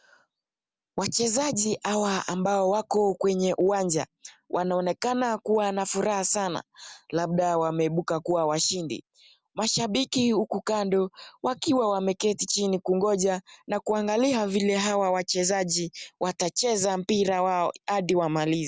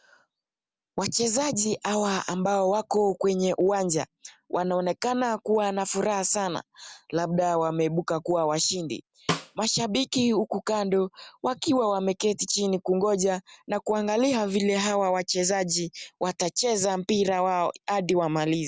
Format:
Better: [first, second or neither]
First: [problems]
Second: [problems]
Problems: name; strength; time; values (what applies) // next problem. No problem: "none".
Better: first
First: none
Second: background sound (Snare drum); 7 dB below the speech